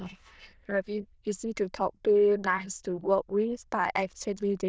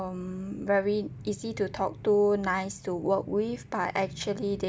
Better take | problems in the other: second | noise reduction (neural diffusion model UNIVERSE++)

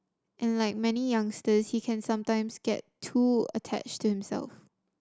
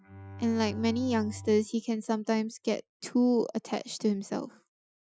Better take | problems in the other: first | noise reduction (classical method Wiener filter)

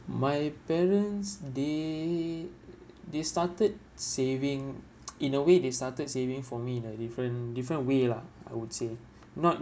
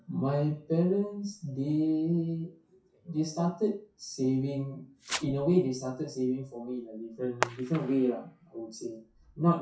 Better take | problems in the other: first | noise reduction (classical method WPE with log-MMSE)

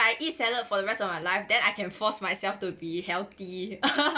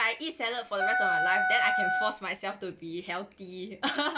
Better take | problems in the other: first | background sound (Wind instrument, woodwind instrument); 5 dB above the speech

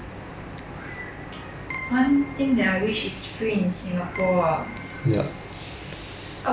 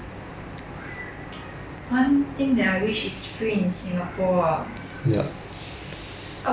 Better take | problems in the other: second | background sound (Keyboard (musical)); 15 dB below the speech

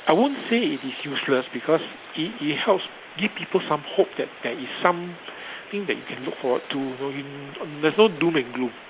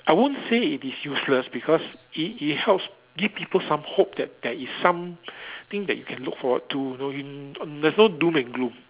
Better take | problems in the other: second | noise reduction (neural mask model Resemble Enhance denoiser)

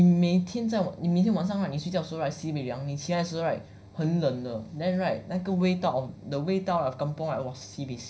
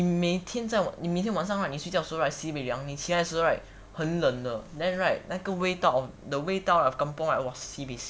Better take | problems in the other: second | room echo; dies away in 0.5 s

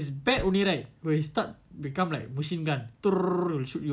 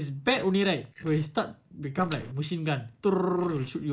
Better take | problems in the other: first | noise reduction (neural mask model Resemble Enhance denoiser)

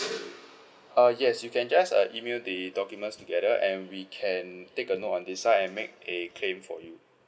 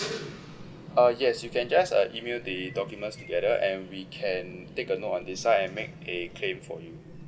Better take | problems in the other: first | background sound (Chirp, tweet); 16 dB below the speech

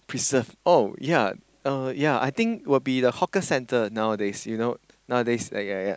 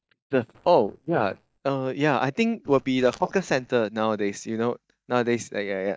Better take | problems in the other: first | noise reduction (neural mask model DeepFilterNet 3)

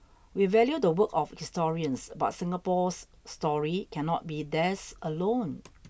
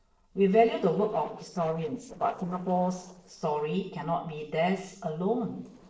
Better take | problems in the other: first | noise reduction (neural separator model SepFormer DNS4)

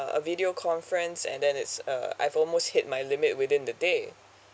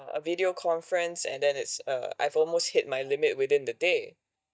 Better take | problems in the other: first | noise reduction (neural mask model DeepFilterNet 3)

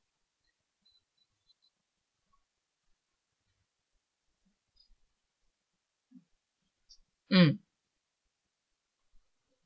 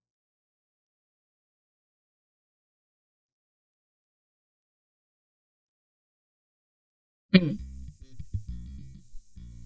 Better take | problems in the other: first | noise reduction (neural mask model DeepFilterNet 3)

